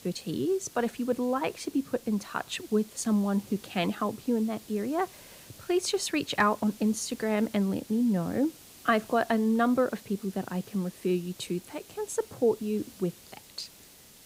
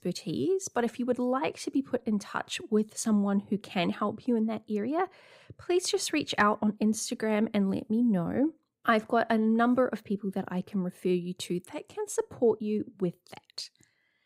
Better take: second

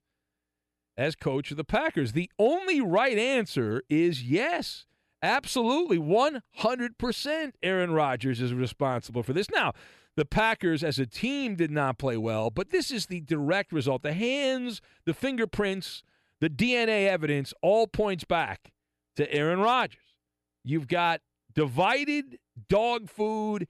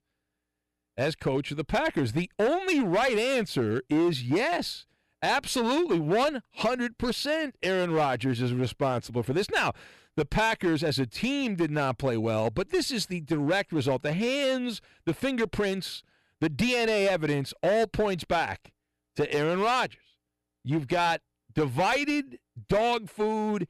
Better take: first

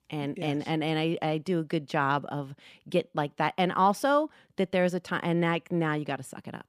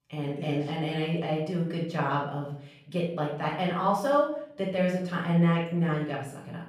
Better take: first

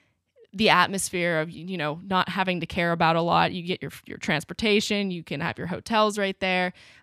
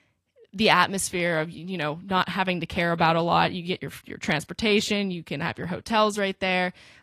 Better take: first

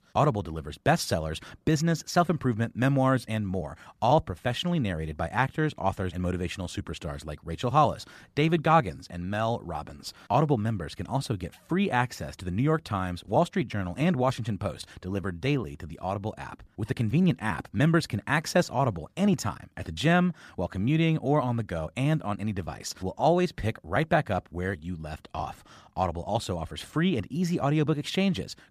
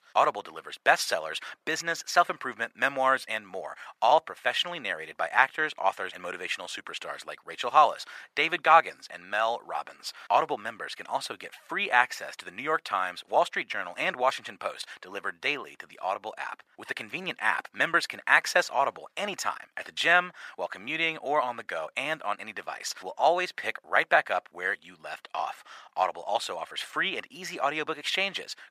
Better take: first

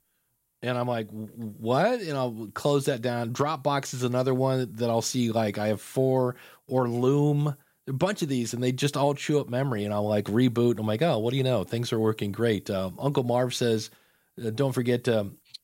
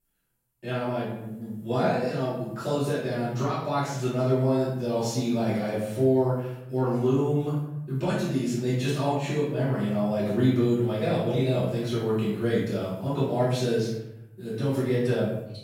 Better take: first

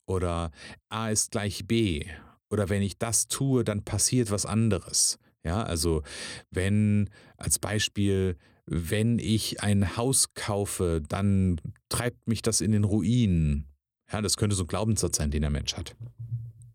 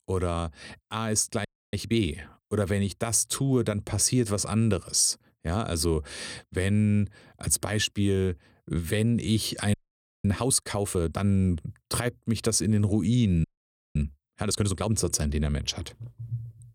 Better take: first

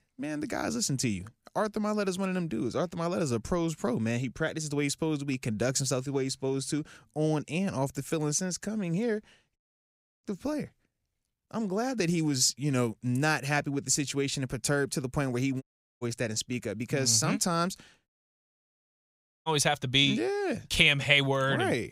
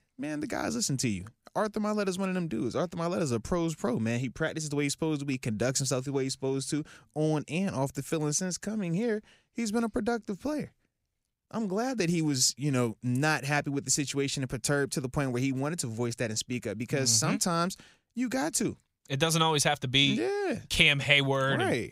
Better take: second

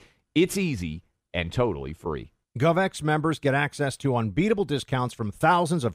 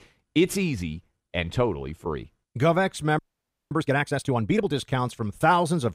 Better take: first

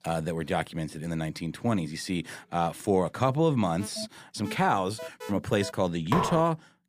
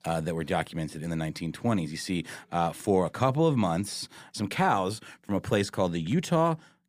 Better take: second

